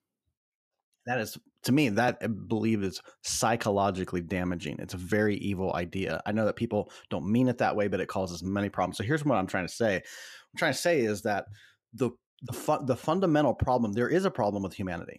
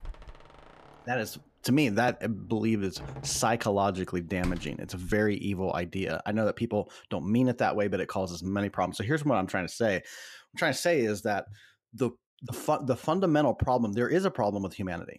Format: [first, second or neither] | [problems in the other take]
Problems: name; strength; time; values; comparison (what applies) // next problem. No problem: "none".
first | door banging; faint; until 5 s; peak 10 dB below the speech